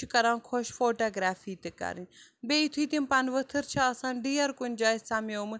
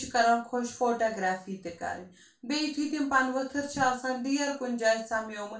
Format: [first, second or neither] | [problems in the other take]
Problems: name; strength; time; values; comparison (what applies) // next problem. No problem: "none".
first | room echo; dies away in 0.3 s